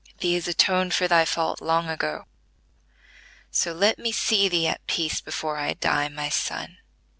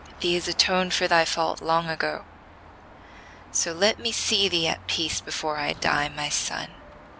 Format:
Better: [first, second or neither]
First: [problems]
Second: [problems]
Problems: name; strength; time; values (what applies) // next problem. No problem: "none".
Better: first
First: none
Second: background sound (Car passing by / Traffic noise, roadway noise / Engine); 19 dB below the speech